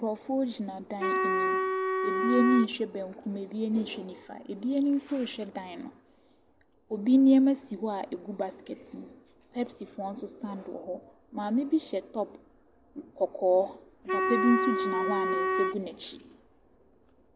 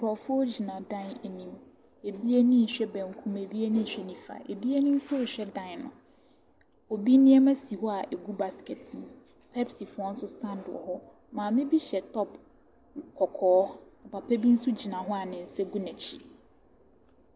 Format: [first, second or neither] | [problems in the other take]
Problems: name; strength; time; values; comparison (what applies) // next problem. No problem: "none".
second | background sound (Wind instrument, woodwind instrument); as loud as the speech